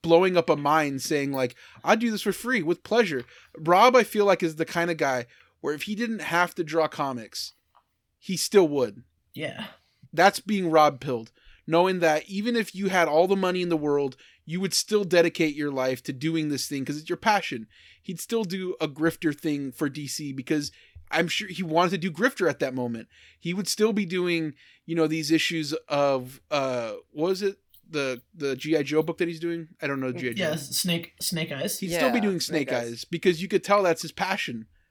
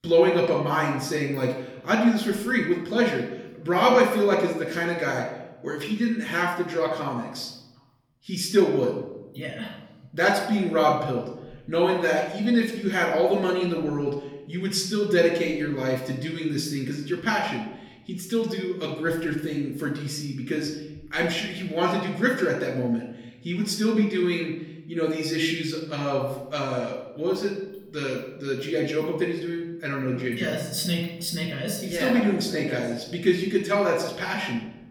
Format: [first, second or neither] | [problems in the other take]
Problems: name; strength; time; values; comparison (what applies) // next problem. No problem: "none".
first | off-mic speech; far // room echo; noticeable; dies away in 0.8 s